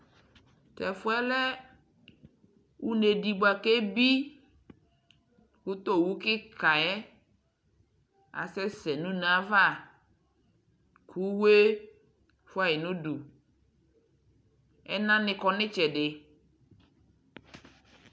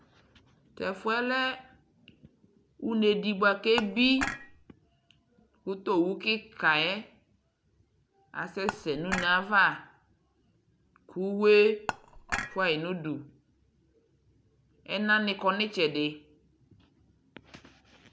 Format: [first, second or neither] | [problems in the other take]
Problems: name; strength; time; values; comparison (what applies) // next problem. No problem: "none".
first | background sound (Dishes, pots, and pans / Chink, clink); 6 dB below the speech